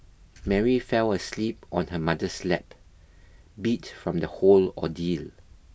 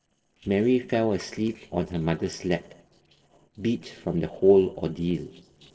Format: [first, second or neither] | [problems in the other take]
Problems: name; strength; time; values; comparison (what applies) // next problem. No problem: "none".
first | noise reduction (neural separator model SepFormer DNS4)